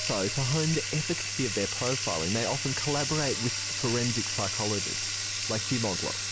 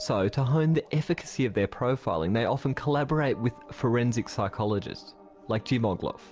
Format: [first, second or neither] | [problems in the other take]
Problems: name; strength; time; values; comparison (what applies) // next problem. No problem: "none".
second | background sound (Bathtub (filling or washing)); 1 dB below the speech